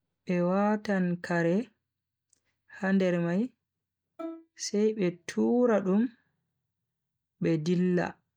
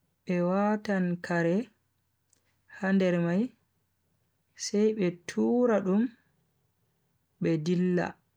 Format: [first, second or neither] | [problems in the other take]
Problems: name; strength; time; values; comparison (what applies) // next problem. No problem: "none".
second | noise reduction (neural mask model DeepFilterNet 3)